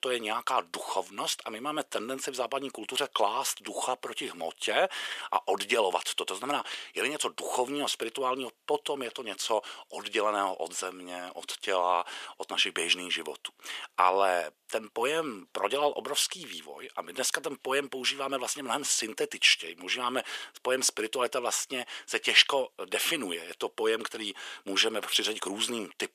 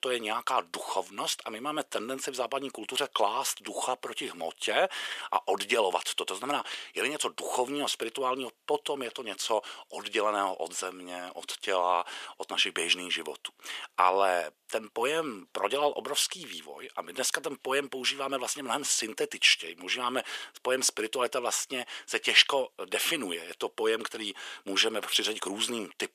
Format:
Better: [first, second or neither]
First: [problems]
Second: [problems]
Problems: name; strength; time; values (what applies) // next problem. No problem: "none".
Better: neither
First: thin; very; fading below 450 Hz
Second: thin; very; fading below 450 Hz